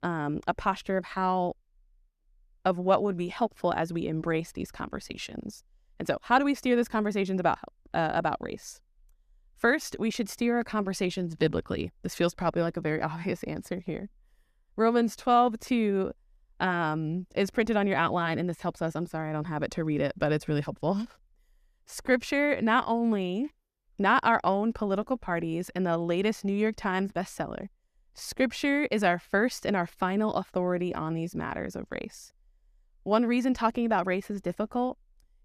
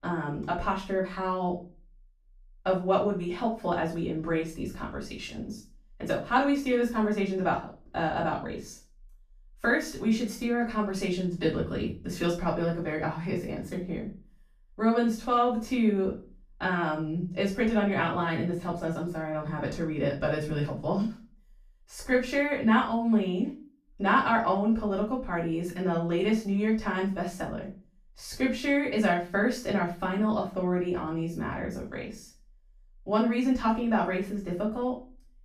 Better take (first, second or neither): first